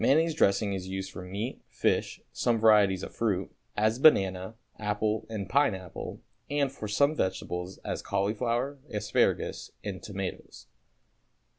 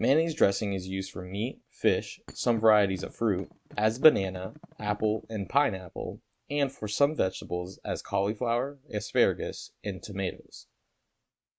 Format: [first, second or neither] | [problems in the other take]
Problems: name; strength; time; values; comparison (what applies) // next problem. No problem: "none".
first | noise reduction (neural mask model RNNoise)